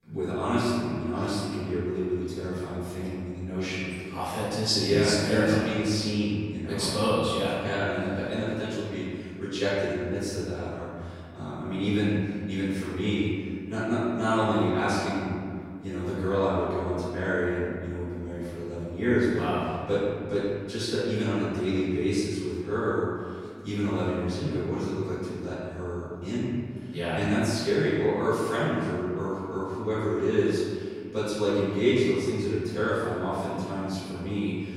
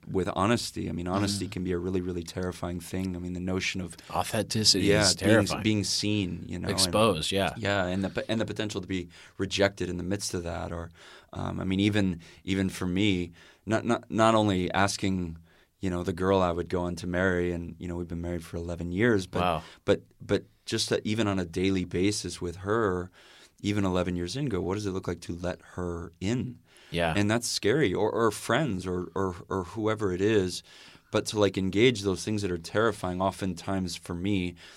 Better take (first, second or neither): second